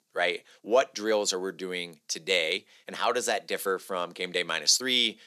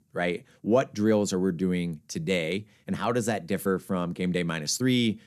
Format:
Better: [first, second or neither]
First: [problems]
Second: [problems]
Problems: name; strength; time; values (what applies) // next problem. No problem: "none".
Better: second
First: thin; very; fading below 600 Hz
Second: none